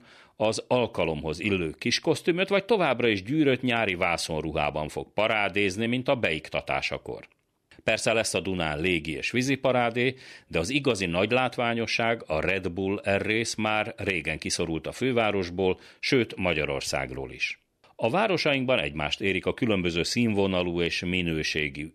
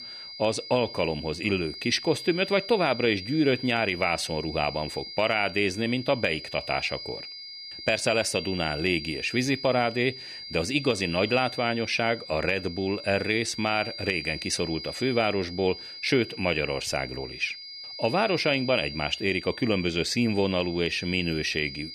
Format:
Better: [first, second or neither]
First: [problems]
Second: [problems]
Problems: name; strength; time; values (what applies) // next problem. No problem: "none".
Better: first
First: none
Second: high-pitched whine; noticeable; throughout; 5 kHz, 10 dB below the speech